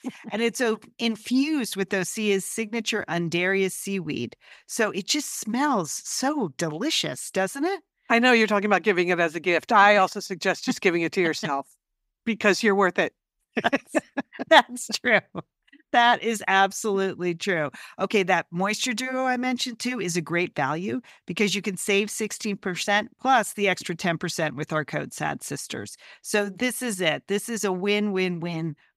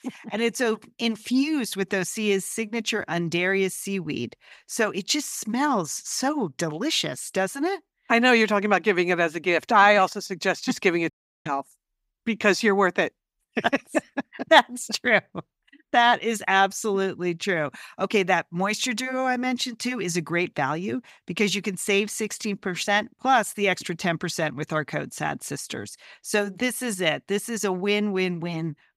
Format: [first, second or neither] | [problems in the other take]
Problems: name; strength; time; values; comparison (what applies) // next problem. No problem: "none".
first | audio cutting out; at 11 s